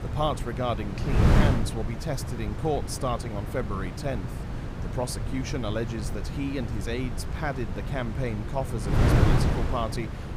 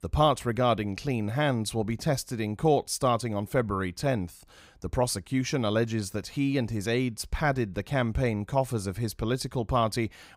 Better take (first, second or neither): second